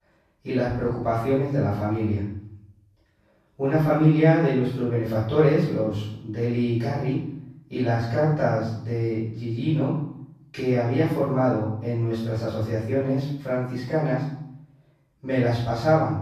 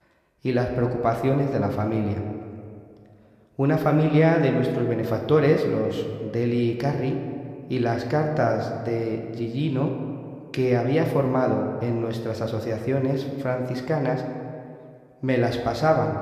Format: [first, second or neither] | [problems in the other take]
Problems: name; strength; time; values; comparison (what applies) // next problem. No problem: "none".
second | room echo; strong; dies away in 0.7 s; slight in the second // off-mic speech; far